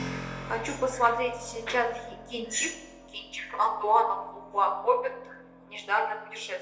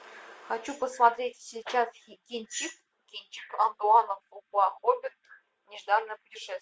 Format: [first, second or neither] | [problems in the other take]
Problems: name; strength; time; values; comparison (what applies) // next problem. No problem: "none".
second | background sound (Keyboard (musical)); 15 dB below the speech // room echo; dies away in 0.8 s